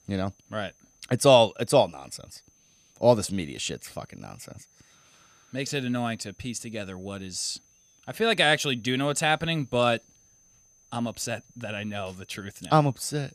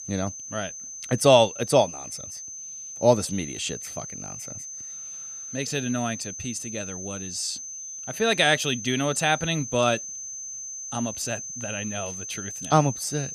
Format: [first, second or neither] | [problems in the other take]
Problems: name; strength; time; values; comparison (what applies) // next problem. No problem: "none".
first | high-pitched whine; loud; throughout; 6 kHz, 9 dB below the speech; faint in the first